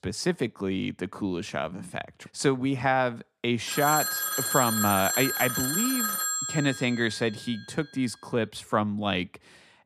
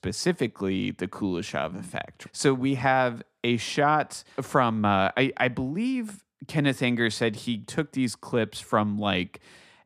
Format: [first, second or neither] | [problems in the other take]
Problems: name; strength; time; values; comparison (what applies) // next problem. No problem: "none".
second | phone ringing; loud; from 3.5 to 7 s; peak 3 dB above the speech